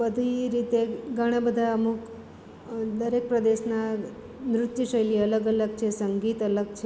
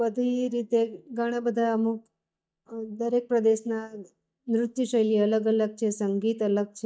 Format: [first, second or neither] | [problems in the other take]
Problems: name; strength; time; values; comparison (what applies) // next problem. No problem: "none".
first | noise reduction (neural mask model DeepFilterNet 3)